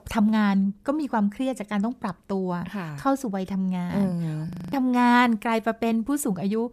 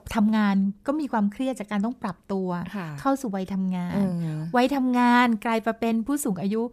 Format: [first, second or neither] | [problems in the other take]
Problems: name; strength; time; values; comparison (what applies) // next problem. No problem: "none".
second | audio freezing; at 4.5 s